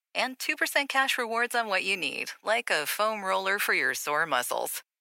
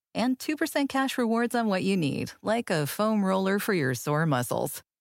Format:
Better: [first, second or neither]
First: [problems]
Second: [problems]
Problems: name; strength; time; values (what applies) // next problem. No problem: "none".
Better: second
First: thin; very; fading below 700 Hz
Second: none